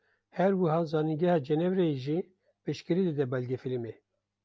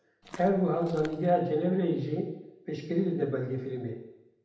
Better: first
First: none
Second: background sound (Walk, footsteps); 19 dB below the speech // room echo; dies away in 0.8 s

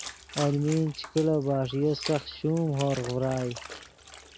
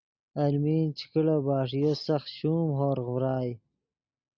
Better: second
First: background sound (Trickle, dribble / Splash, splatter); 14 dB below the speech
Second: none

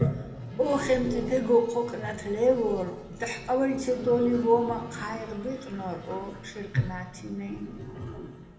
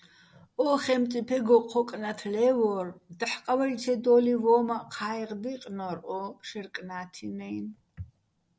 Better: second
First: background sound (Toilet flush); 8 dB below the speech // room echo; dies away in 0.8 s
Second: none

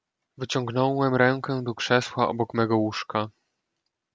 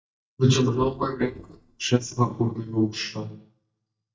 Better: first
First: none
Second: noise reduction (neural mask model DeepFilterNet 3)

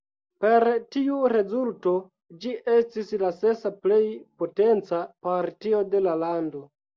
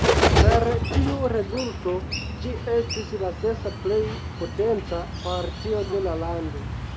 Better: first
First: none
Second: background sound (Bird); 2 dB above the speech

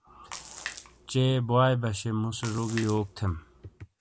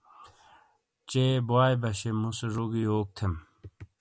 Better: second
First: background sound (Splash, splatter); 16 dB below the speech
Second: none

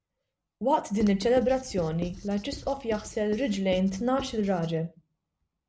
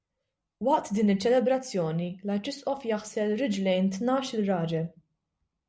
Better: second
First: background sound (Writing); 14 dB below the speech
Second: none

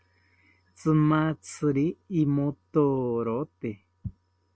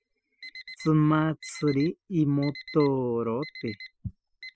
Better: first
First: none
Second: noise reduction (classical method spectral subtraction)

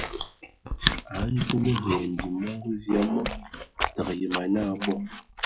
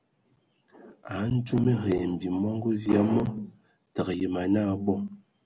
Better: second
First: noise reduction (classical method log-MMSE)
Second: none

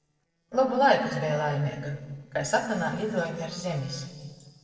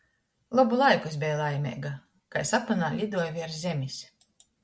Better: second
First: noise reduction (neural separator model SepFormer DNS4)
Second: none

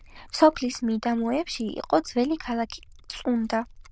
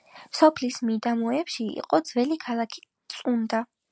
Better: second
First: noise reduction (neural diffusion model UNIVERSE++)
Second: none

